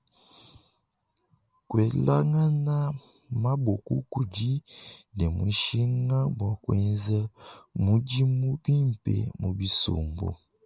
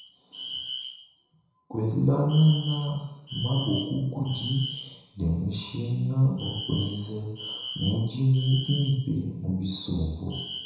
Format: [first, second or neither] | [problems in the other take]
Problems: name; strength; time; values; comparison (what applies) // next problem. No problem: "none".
first | background sound (Alarm); 12 dB below the speech // room echo; dies away in 1 s